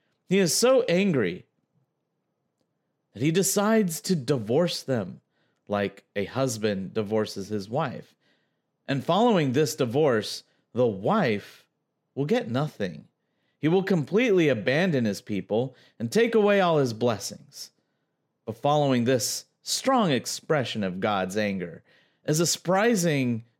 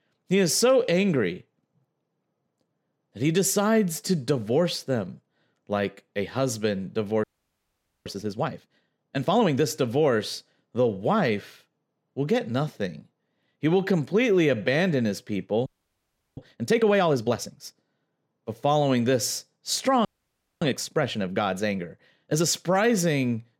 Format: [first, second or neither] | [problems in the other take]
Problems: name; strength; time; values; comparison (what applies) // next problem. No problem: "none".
first | audio freezing; at 7 s for 1 s, at 16 s for 0.5 s and at 20 s for 0.5 s